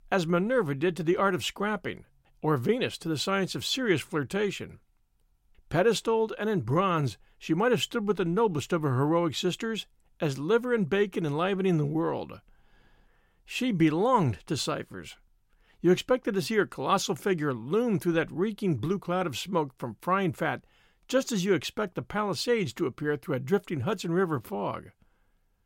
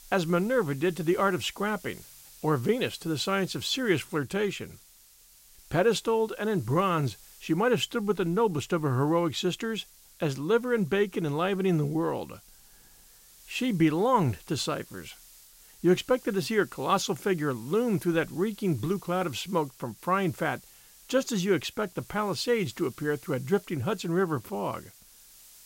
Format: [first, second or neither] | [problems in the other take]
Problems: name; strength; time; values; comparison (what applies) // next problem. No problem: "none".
first | hiss; faint; throughout; 25 dB below the speech